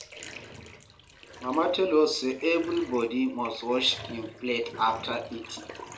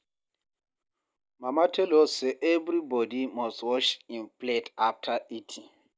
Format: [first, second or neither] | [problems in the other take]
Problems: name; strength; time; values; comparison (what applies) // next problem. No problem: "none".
second | background sound (Bathtub (filling or washing)); 16 dB below the speech // room echo; dies away in 0.3 s